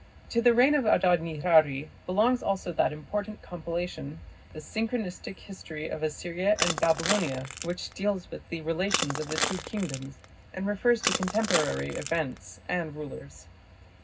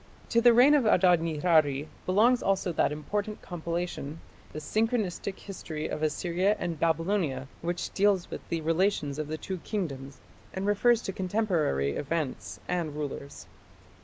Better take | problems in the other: second | background sound (Crushing); 5 dB below the speech // room echo; dies away in 0.4 s

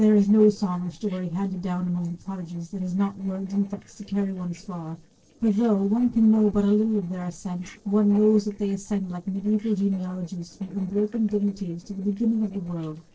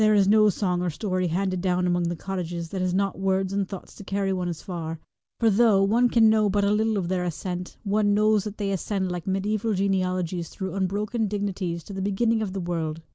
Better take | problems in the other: second | noise reduction (neural separator model SepFormer DNS4)

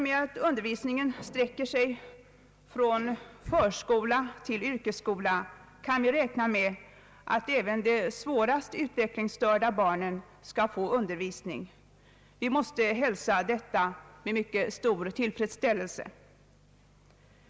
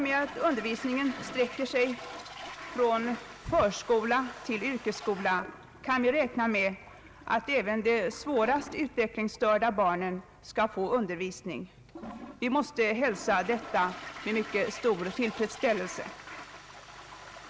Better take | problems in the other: first | background sound (Toilet flush); 15 dB below the speech

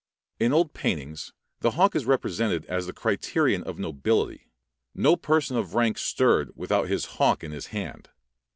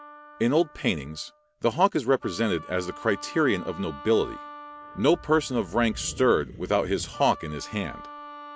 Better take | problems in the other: first | background sound (Animal + Wind instrument, woodwind instrument); 16 dB below the speech

